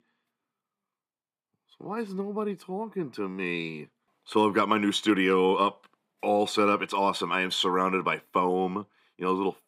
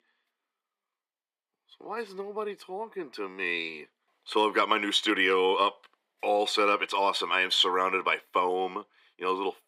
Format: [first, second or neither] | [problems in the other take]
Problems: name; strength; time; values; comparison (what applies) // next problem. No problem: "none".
first | thin; somewhat; fading below 450 Hz